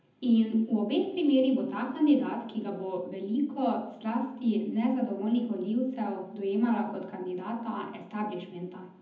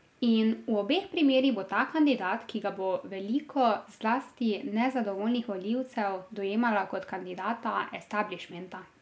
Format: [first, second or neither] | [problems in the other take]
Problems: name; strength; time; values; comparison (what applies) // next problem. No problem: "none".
second | room echo; dies away in 0.8 s